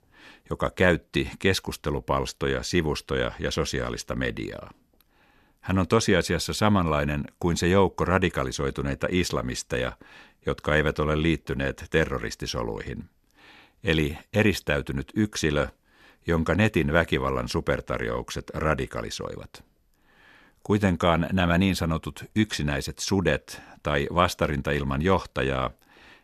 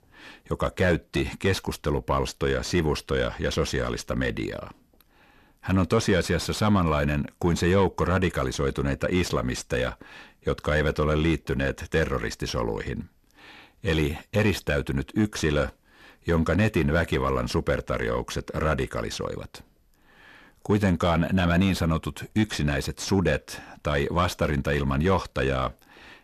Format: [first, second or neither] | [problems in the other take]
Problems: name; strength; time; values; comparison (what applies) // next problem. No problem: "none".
first | distortion; slight; 10 dB below the speech